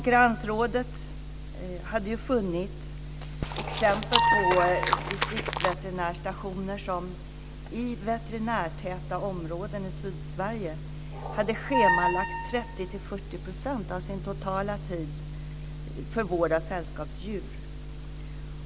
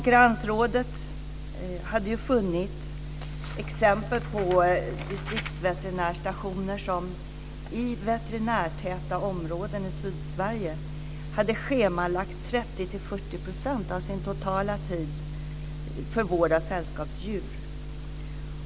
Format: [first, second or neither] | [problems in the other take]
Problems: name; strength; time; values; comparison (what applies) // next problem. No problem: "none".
second | background sound (Chewing, mastication + Squeak); 1 dB above the speech